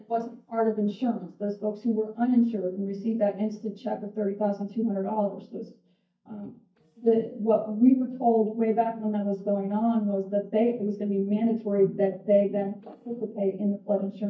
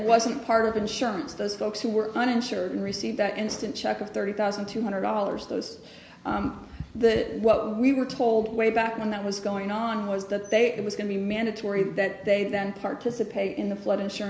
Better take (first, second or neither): second